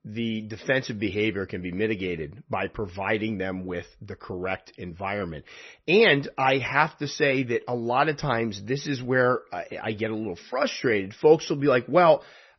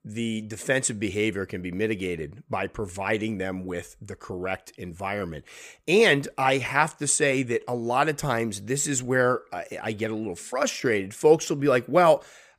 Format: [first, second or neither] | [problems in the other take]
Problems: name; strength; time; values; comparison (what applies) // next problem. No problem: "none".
second | garbled, watery; slightly; nothing above 6 kHz